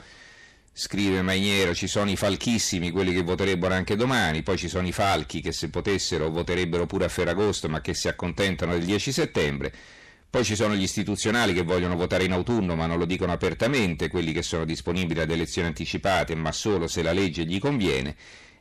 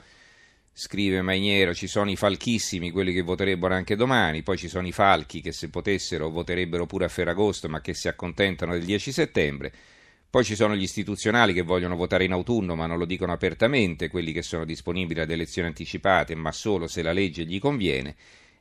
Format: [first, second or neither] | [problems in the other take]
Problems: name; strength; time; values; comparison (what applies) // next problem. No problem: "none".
second | distortion; heavy; 6 dB below the speech